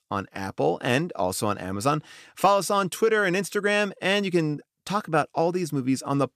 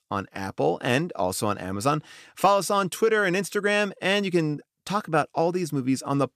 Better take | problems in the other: neither | none

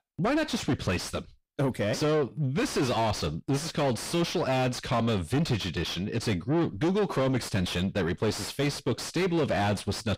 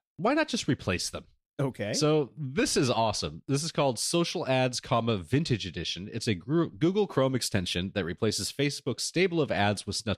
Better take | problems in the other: second | distortion; heavy; 6 dB below the speech

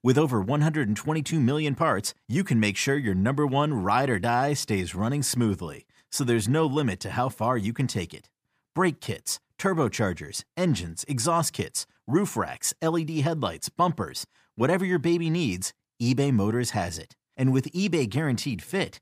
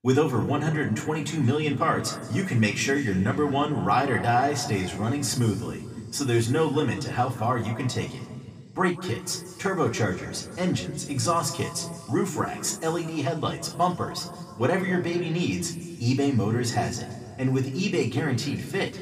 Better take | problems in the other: first | room echo; slight; dies away in 2 s // off-mic speech; somewhat distant

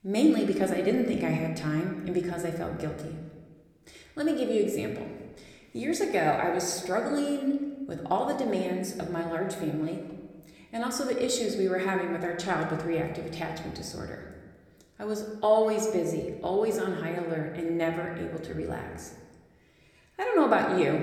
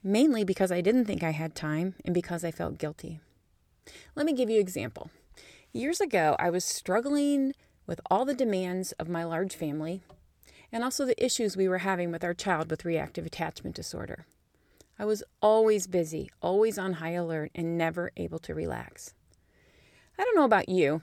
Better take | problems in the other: second | room echo; slight; dies away in 1.2 s

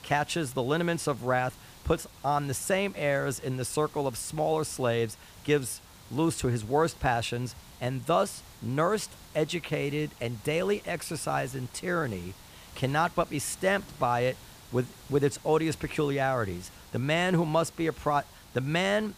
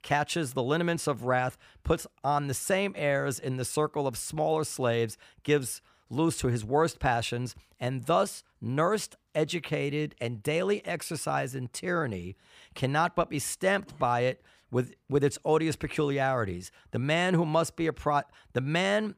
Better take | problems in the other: second | hiss; faint; throughout; 20 dB below the speech

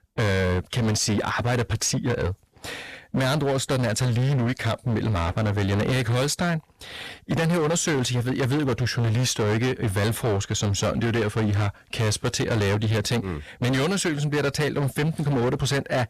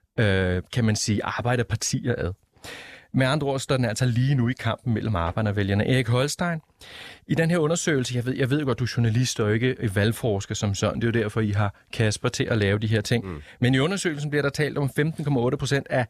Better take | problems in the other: second | distortion; heavy; 26% of the sound clipped

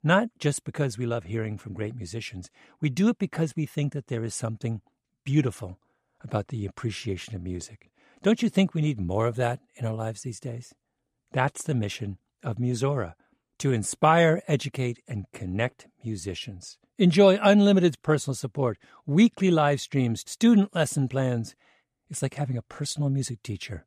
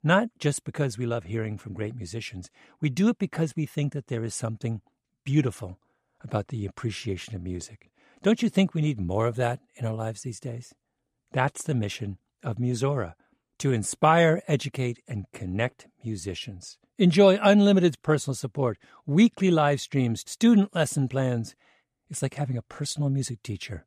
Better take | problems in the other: neither | none

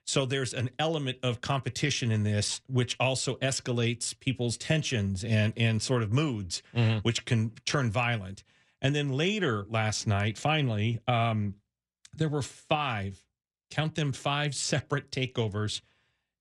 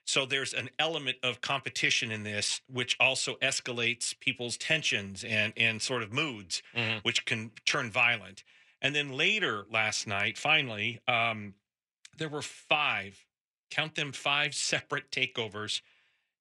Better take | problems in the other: first | thin; somewhat; fading below 500 Hz

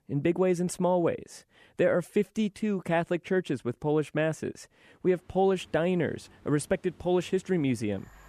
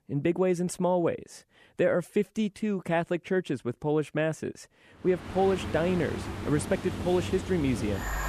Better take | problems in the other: first | train or aircraft noise; loud; from 5 s on; 7 dB below the speech; faint in the first

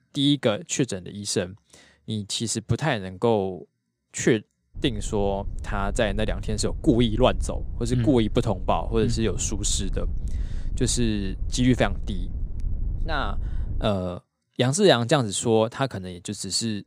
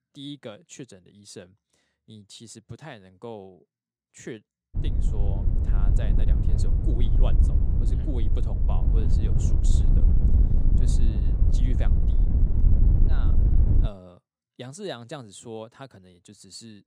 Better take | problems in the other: first | wind noise on the microphone; heavy; from 5 to 14 s; 2 dB above the speech; occasional gusts in the first

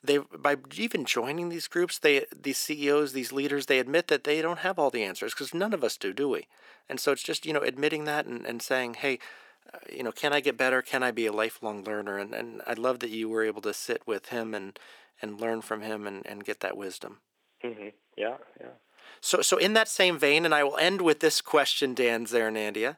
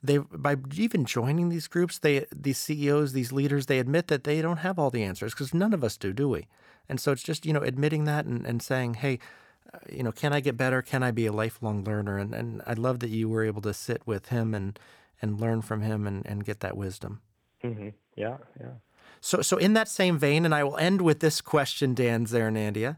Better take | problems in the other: second | thin; somewhat; fading below 300 Hz

